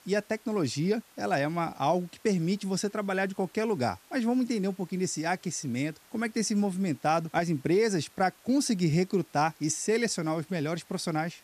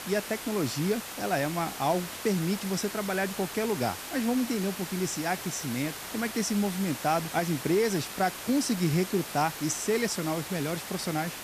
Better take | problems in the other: first | hiss; loud; throughout; 7 dB below the speech; faint in the first

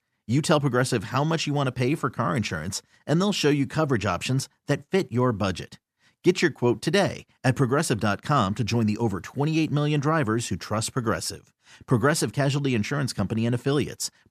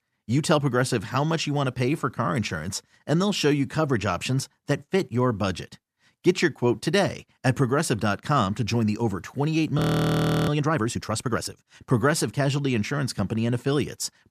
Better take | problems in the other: first | audio freezing; at 10 s for 0.5 s

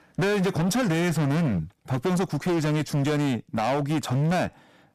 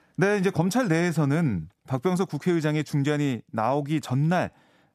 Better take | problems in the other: second | distortion; heavy; 29% of the sound clipped

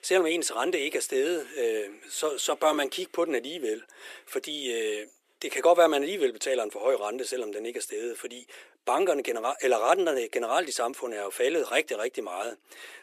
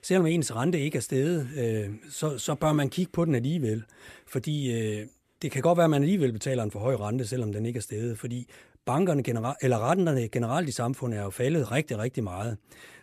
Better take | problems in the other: second | thin; very; fading below 350 Hz

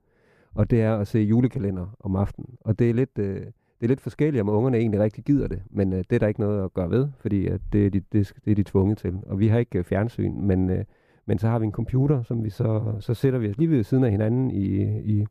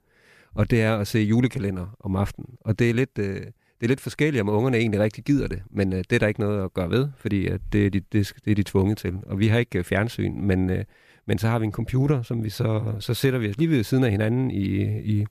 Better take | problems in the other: second | muffled; slightly; fading above 1.5 kHz

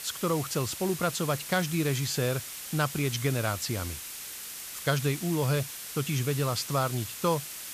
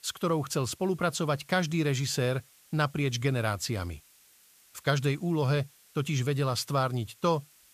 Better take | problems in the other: second | hiss; loud; throughout; 7 dB below the speech; faint in the second

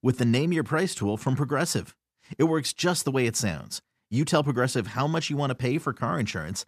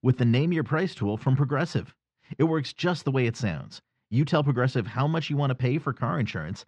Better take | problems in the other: first | muffled; slightly; fading above 4 kHz

